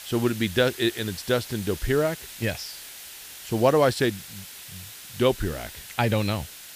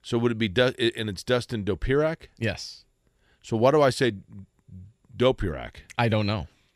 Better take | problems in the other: second | hiss; noticeable; throughout; 15 dB below the speech

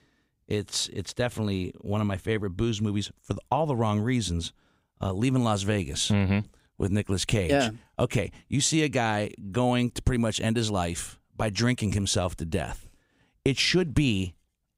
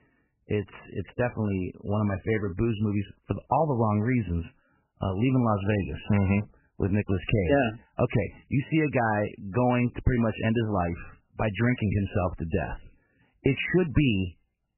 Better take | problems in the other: first | garbled, watery; badly; nothing above 3 kHz

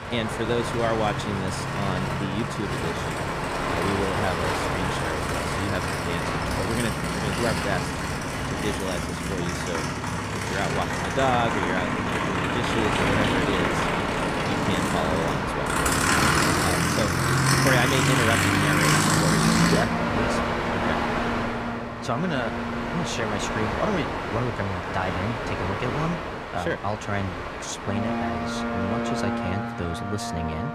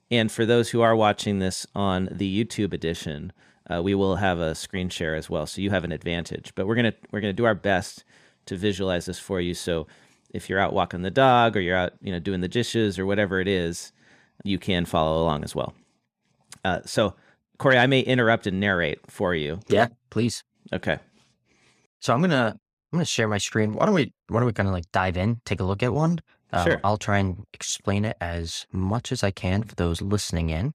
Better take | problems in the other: second | train or aircraft noise; very loud; throughout; 5 dB above the speech

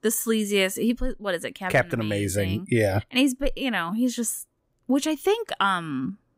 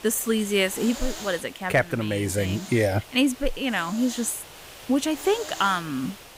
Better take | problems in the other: first | hiss; noticeable; throughout; 15 dB below the speech

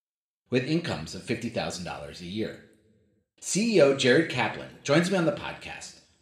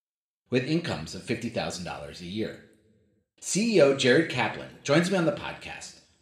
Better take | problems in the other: neither | room echo; slight; dies away in 0.6 s; the same in both

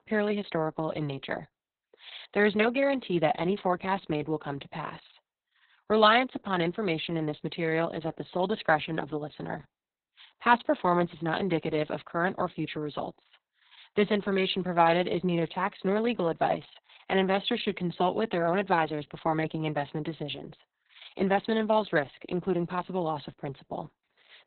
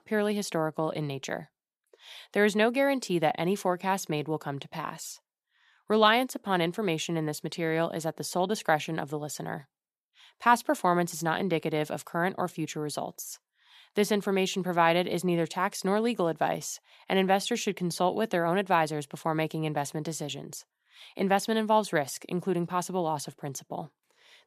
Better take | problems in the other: second | garbled, watery; badly; nothing above 4 kHz

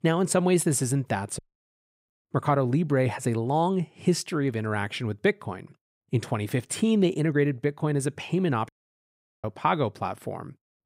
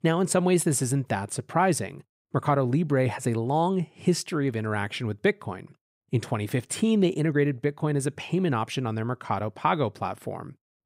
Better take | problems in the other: second | audio cutting out; at 1.5 s for 0.5 s and at 8.5 s for 1 s

